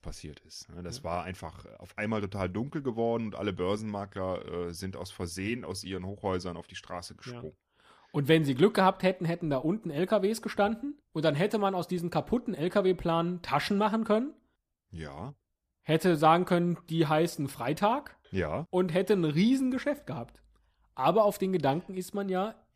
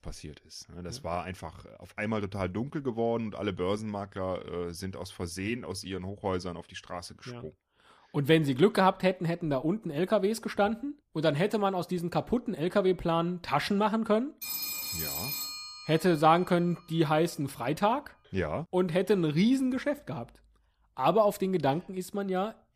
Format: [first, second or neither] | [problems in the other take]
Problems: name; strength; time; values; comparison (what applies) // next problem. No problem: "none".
first | phone ringing; noticeable; from 14 to 16 s; peak 3 dB below the speech